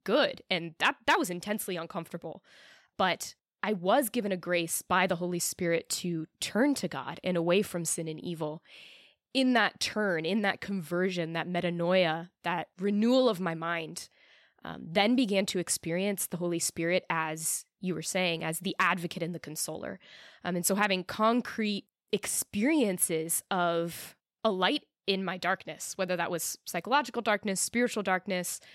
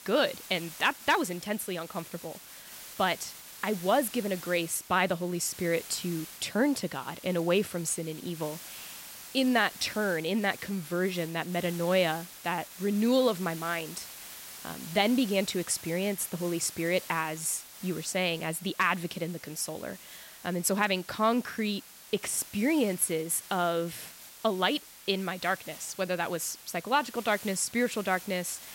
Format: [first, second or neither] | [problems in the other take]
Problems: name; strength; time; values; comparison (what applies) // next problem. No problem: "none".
first | hiss; noticeable; throughout; 15 dB below the speech